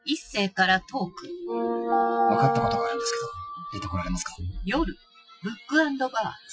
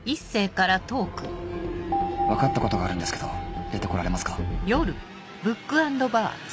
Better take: second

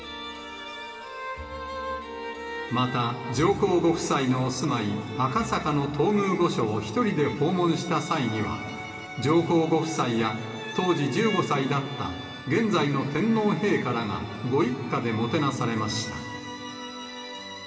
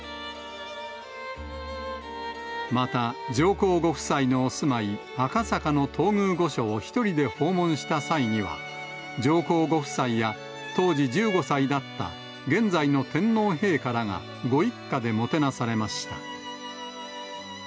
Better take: second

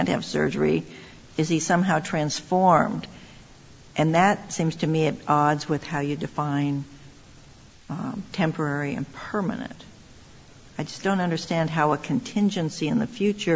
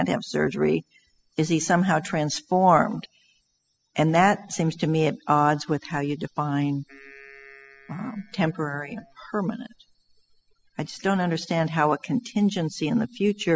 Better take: first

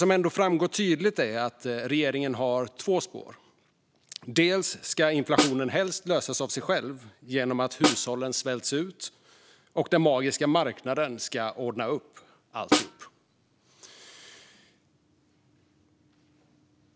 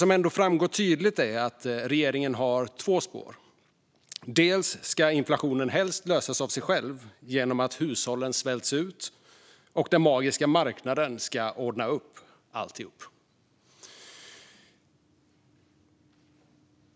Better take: second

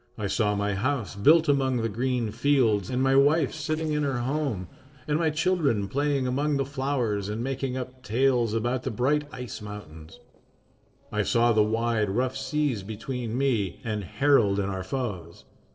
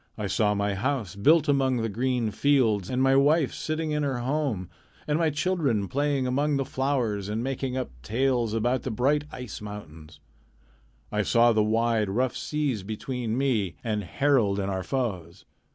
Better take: second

